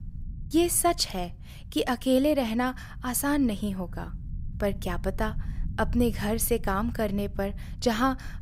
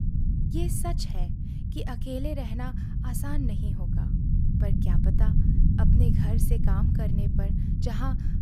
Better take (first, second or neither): first